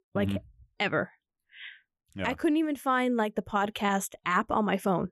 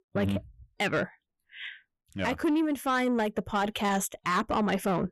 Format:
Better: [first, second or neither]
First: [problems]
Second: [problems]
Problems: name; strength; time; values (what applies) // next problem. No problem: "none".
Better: first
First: none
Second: distortion; slight; 10 dB below the speech